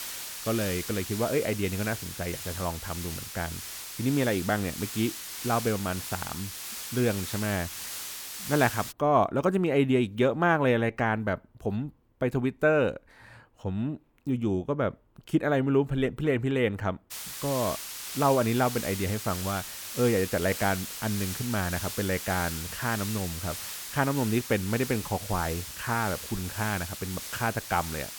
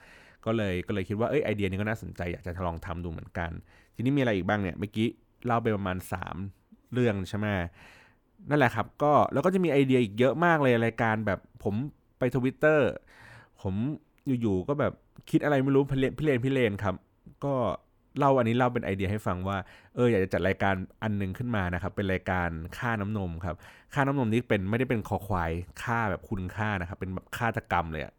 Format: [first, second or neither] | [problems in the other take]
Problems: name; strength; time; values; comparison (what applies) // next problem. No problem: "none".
second | hiss; loud; until 9 s and from 17 s on; 7 dB below the speech